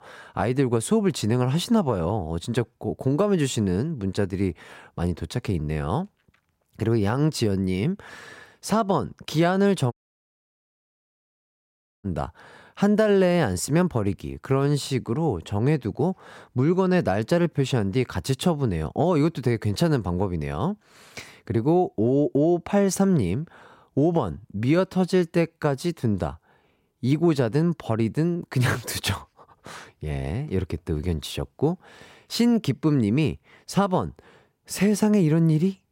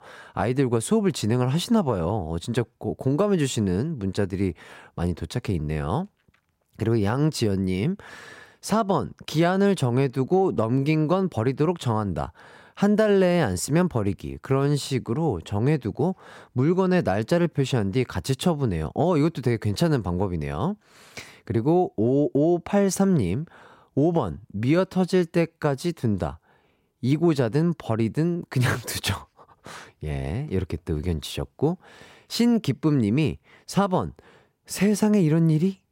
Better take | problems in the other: second | audio cutting out; at 10 s for 2 s

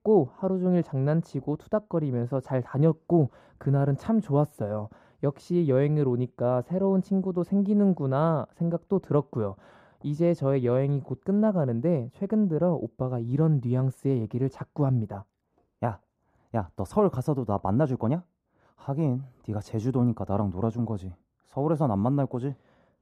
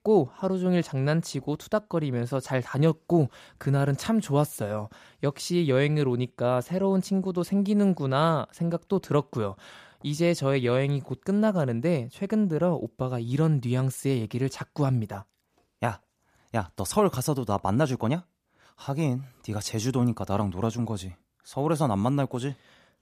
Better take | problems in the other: second | muffled; very; fading above 1.5 kHz

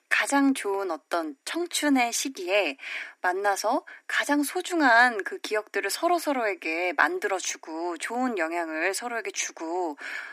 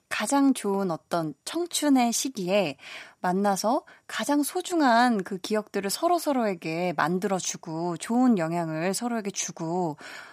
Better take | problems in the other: second | thin; very slightly; fading below 250 Hz

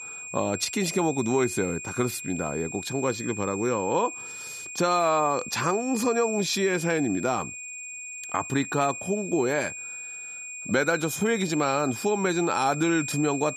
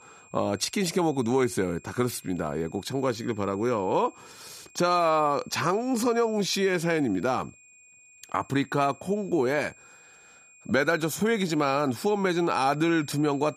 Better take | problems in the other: second | high-pitched whine; loud; throughout; 2.5 kHz, 9 dB below the speech; faint in the second

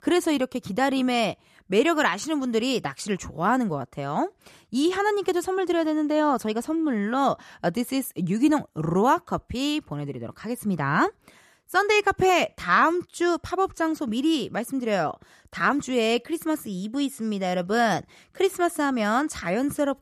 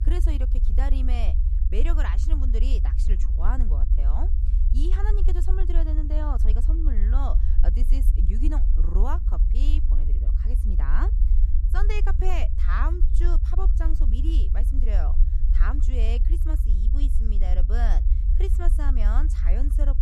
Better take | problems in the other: first | low rumble; loud; throughout; 8 dB below the speech

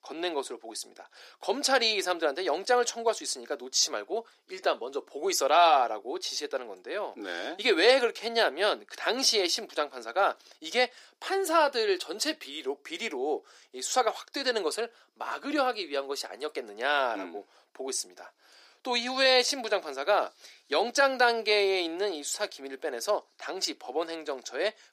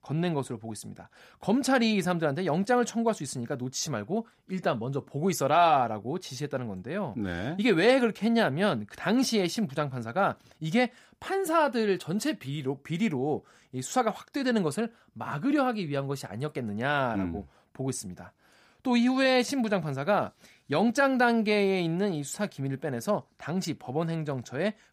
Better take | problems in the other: second | thin; very; fading below 350 Hz

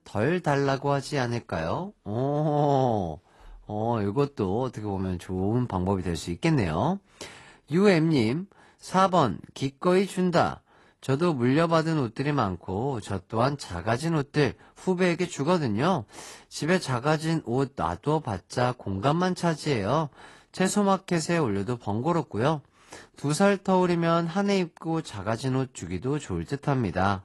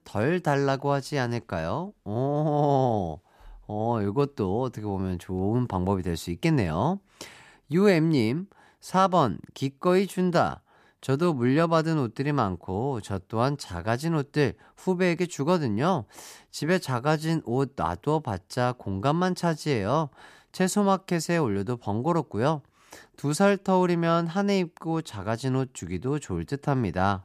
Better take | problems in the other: second | garbled, watery; slightly; nothing above 11.5 kHz

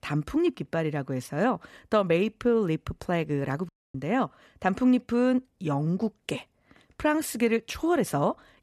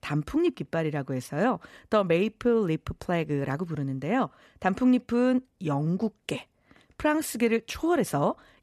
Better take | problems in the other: second | audio cutting out; at 3.5 s

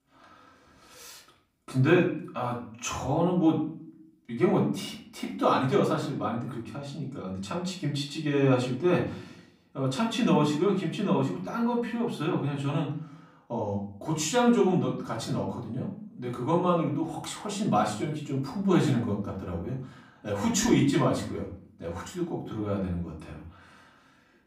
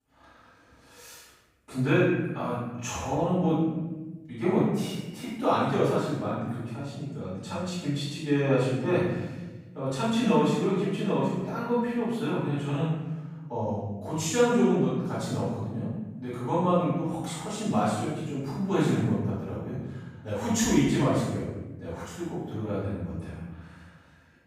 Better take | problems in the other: first | room echo; strong; dies away in 1.1 s; slight in the first // off-mic speech; far; far in the first

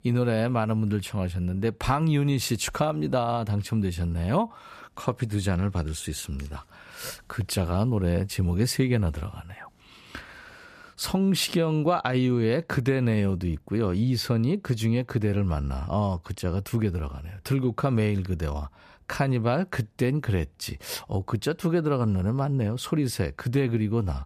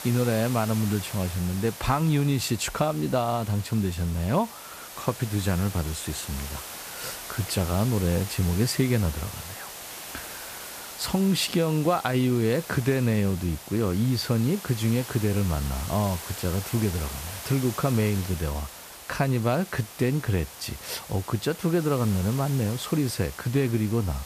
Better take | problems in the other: first | hiss; noticeable; throughout; 10 dB below the speech

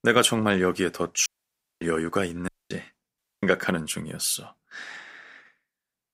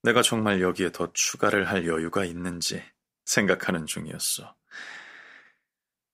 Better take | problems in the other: second | audio cutting out; at 1.5 s for 0.5 s, at 2.5 s and at 3 s

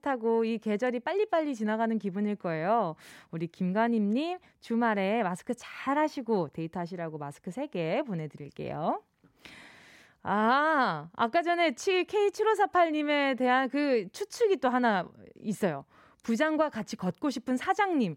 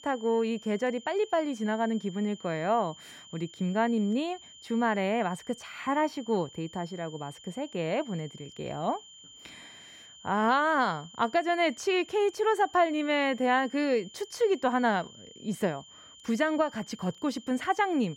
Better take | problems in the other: first | high-pitched whine; noticeable; throughout; 3 kHz, 20 dB below the speech

